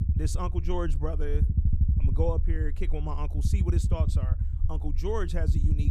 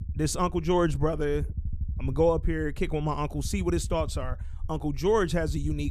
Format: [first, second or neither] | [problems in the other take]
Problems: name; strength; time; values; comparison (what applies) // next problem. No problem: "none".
second | low rumble; loud; throughout; 8 dB below the speech; faint in the second